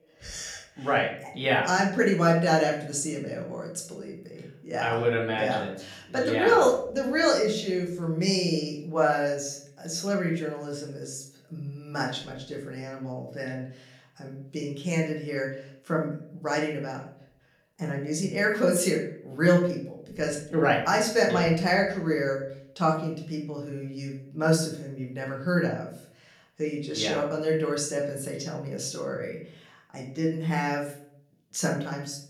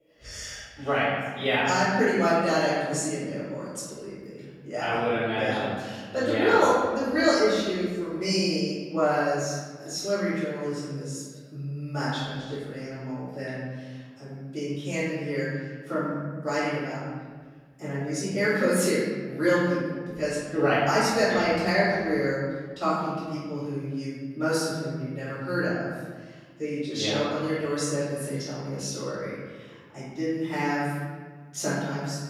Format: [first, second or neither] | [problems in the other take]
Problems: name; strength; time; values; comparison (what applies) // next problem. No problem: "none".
first | room echo; strong; dies away in 1.5 s; slight in the first // off-mic speech; far; far in the first